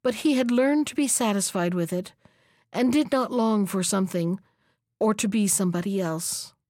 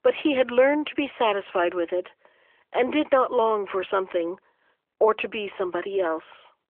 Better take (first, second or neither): first